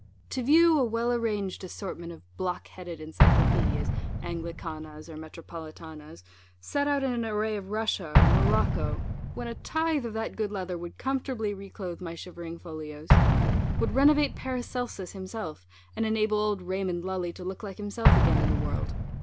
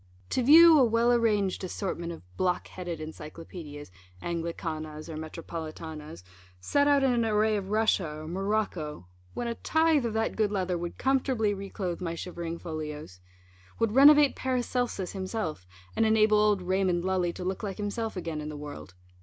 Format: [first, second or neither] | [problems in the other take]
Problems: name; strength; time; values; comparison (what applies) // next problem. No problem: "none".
second | background sound (Explosion); 2 dB above the speech